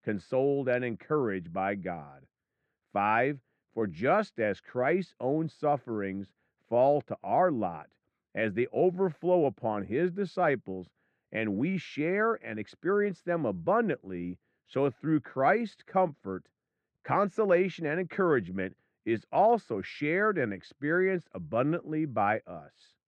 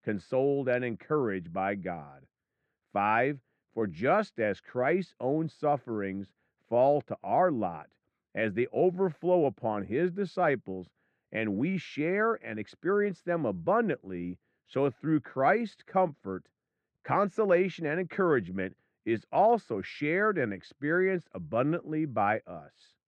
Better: neither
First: muffled; very; fading above 1.5 kHz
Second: muffled; very; fading above 1.5 kHz

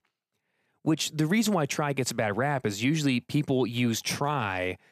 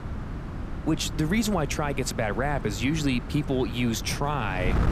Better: first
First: none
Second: wind noise on the microphone; occasional gusts; 10 dB below the speech

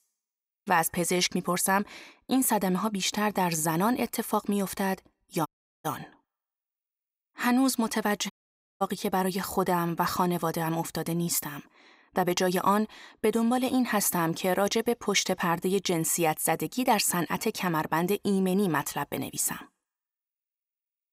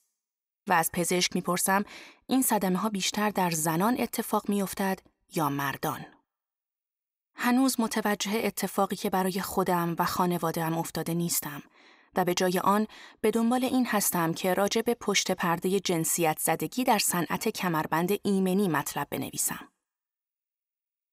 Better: second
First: audio cutting out; at 5.5 s and at 8.5 s for 0.5 s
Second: none

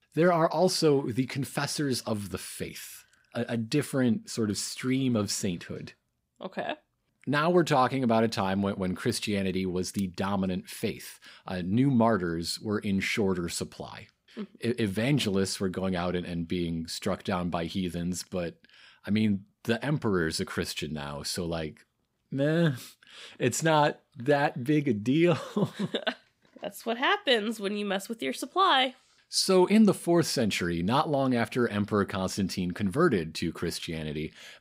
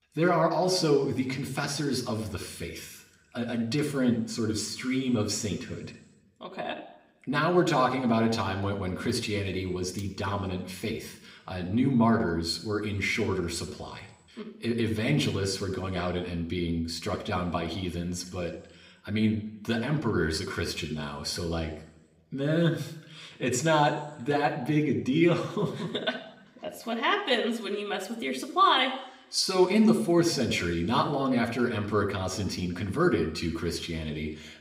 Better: first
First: none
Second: room echo; slight; dies away in 0.8 s // off-mic speech; somewhat distant

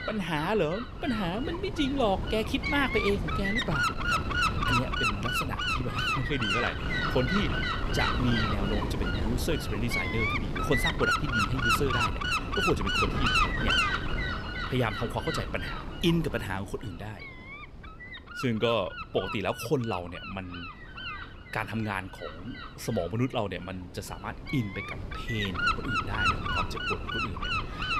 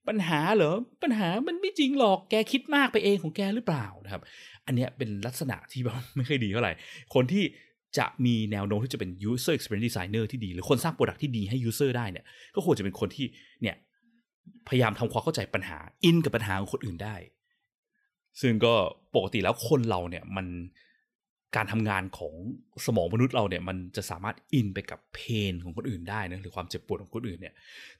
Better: second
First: wind noise on the microphone; heavy; 5 dB above the speech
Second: none

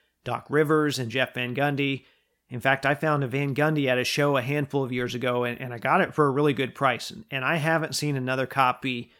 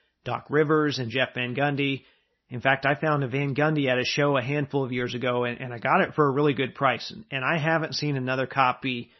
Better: first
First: none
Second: garbled, watery; slightly; nothing above 6 kHz

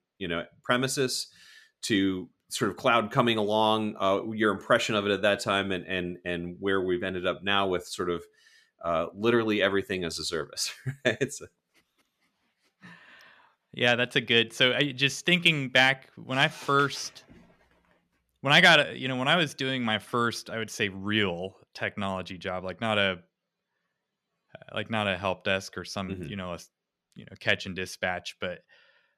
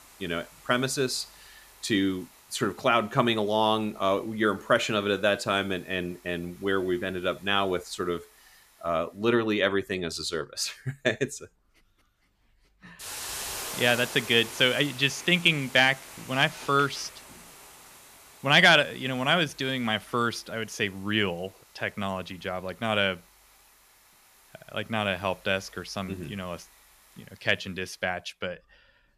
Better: first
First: none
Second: hiss; noticeable; throughout; 15 dB below the speech

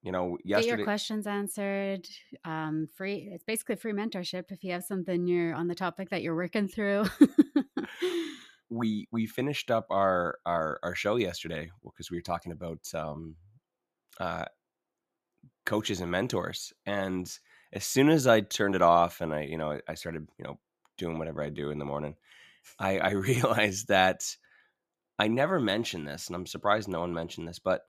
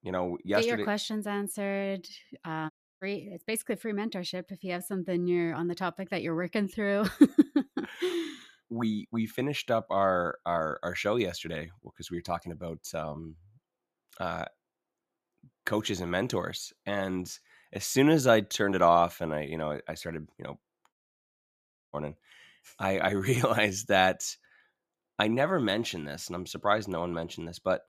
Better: first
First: none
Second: audio cutting out; at 2.5 s and at 21 s for 1 s

